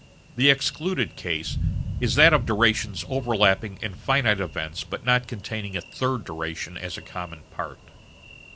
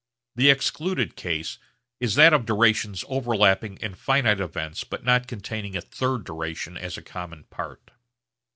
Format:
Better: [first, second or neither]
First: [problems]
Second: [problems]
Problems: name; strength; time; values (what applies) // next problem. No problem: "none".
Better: second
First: background sound (Thunder); 10 dB below the speech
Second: none